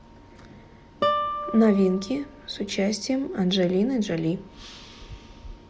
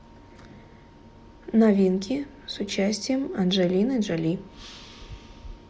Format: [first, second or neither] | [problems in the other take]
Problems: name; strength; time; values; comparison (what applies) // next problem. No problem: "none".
second | background sound (Guitar); 6 dB below the speech